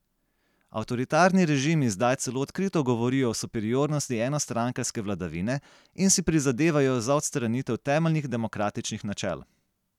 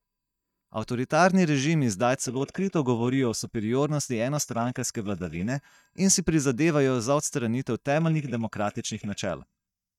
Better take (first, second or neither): first